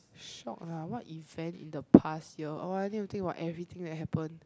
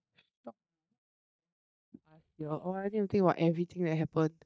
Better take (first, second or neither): first